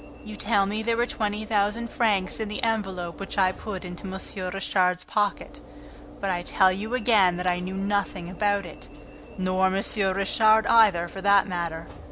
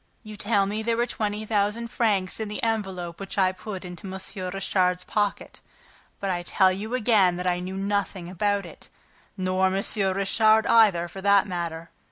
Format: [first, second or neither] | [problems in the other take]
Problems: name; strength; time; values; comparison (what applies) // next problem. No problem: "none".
second | background sound (Alarm / Engine / Train); 16 dB below the speech